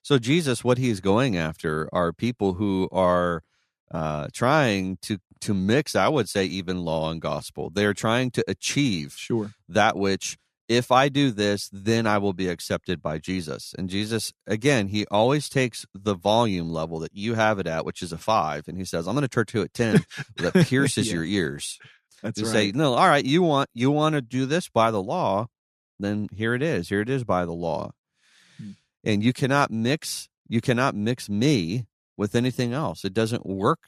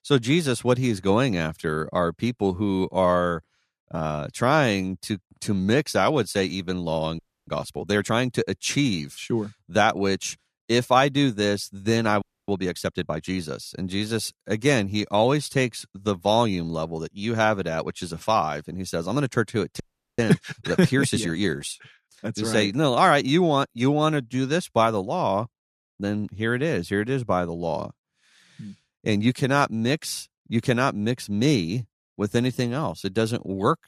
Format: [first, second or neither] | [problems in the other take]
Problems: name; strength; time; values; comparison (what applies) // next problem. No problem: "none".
first | audio freezing; at 7 s, at 12 s and at 20 s